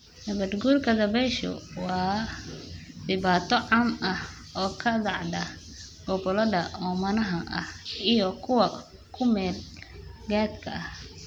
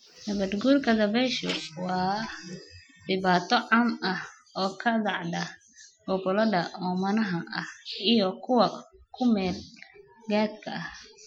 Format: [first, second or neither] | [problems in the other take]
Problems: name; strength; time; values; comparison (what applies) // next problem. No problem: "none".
first | noise reduction (classical method Wiener filter)